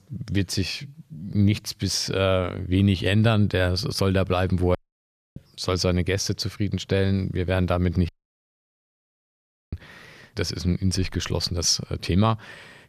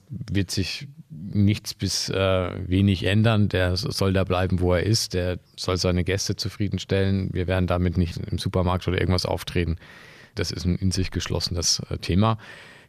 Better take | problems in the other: second | audio cutting out; at 5 s for 0.5 s and at 8 s for 1.5 s

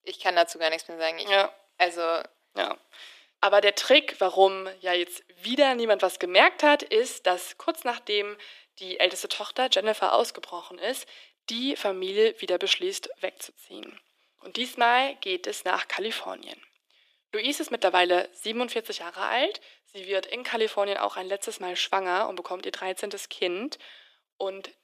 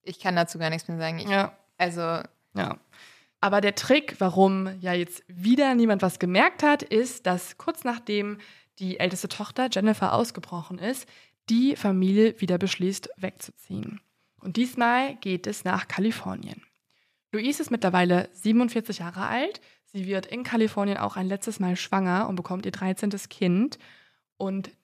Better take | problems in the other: second | thin; very; fading below 300 Hz

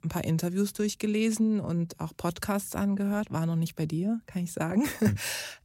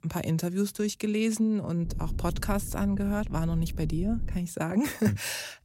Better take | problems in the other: first | wind noise on the microphone; occasional gusts; from 2 to 4.5 s; 20 dB below the speech

